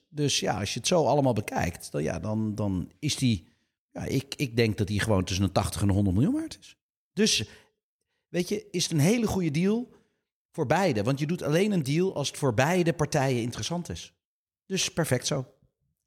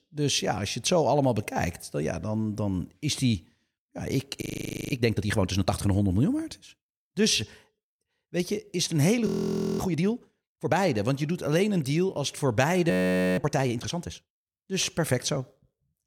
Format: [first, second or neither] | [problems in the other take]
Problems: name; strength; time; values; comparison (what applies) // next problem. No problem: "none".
first | audio freezing; at 4.5 s for 0.5 s, at 9.5 s for 0.5 s and at 13 s